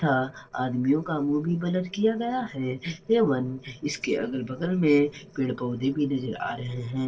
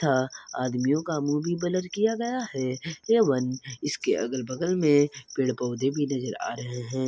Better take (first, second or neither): second